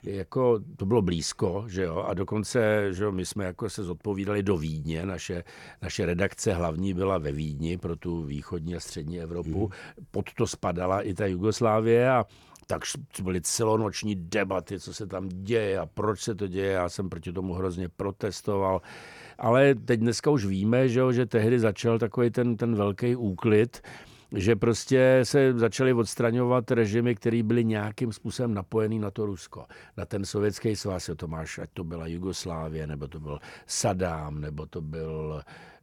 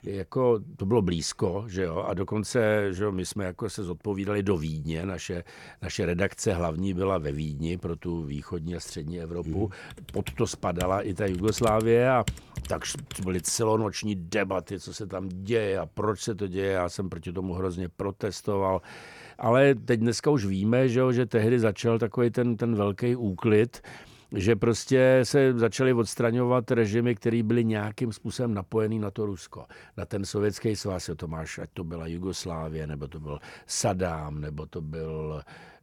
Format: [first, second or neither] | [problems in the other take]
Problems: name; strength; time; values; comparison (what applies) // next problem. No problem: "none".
first | keyboard typing; noticeable; from 10 to 13 s; peak 8 dB below the speech